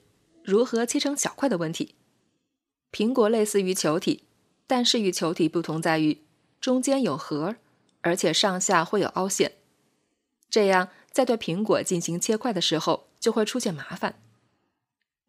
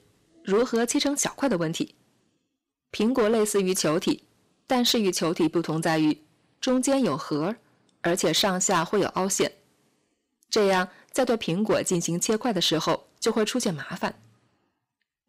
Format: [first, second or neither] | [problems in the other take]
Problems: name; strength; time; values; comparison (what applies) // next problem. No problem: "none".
first | distortion; slight; 6% of the sound clipped